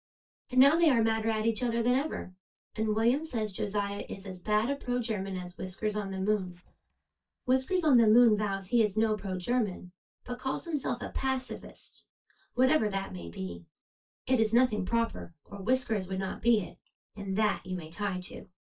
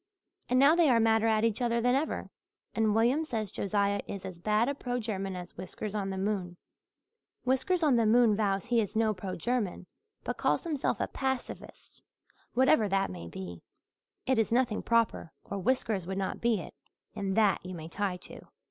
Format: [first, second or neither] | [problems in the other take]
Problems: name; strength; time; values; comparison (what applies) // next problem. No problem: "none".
second | noise reduction (neural mask model DeepFilterNet 3)